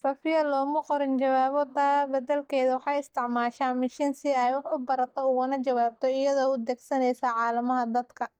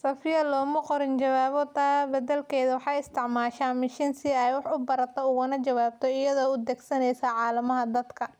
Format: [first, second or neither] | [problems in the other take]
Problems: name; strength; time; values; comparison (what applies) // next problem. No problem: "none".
second | noise reduction (neural mask model DeepFilterNet 3)